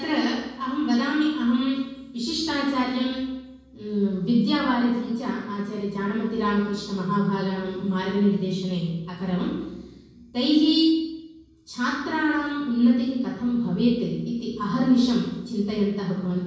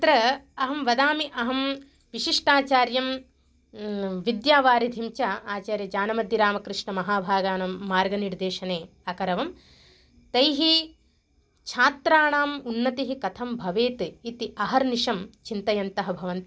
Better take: second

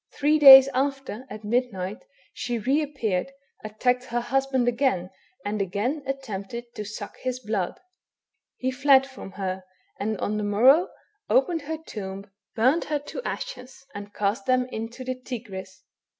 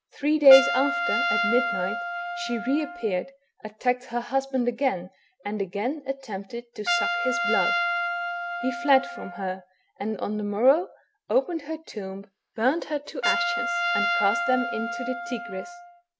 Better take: first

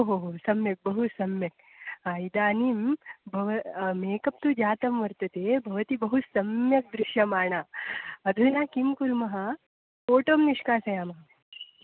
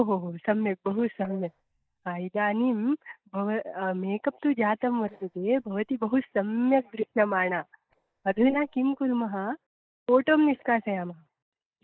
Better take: first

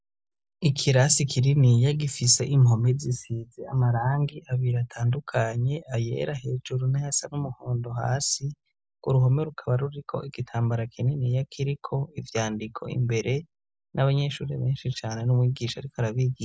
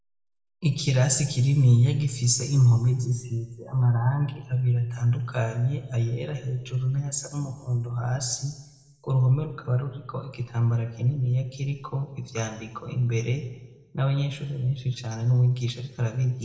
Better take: first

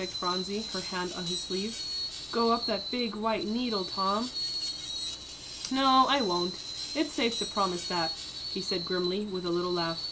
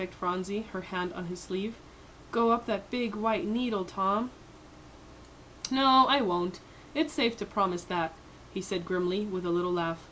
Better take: second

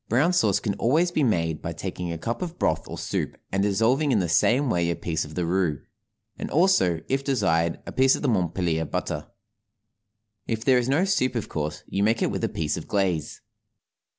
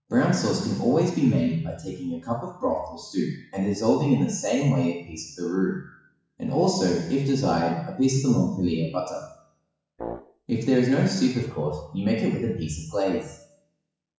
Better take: first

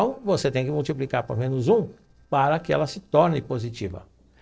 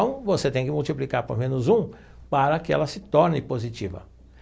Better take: second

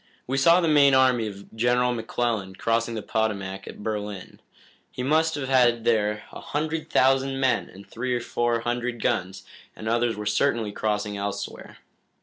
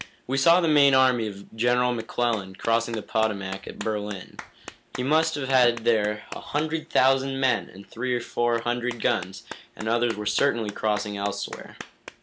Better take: first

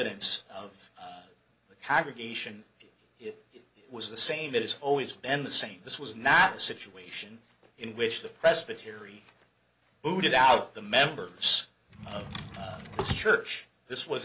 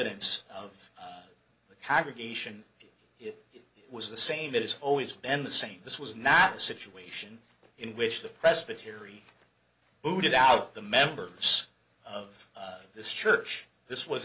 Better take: second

